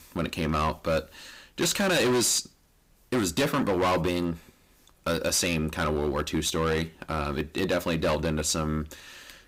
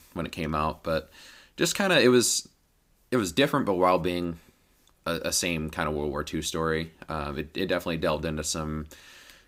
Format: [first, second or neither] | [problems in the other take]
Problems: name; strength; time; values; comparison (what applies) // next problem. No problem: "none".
second | distortion; heavy; 11% of the sound clipped